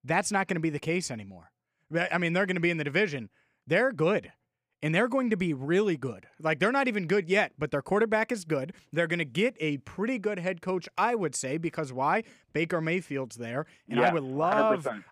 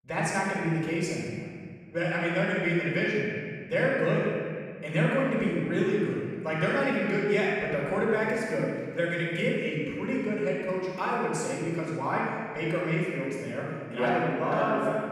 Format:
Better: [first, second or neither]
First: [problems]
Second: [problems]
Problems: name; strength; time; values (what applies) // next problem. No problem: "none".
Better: first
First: none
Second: room echo; strong; dies away in 1.8 s // off-mic speech; far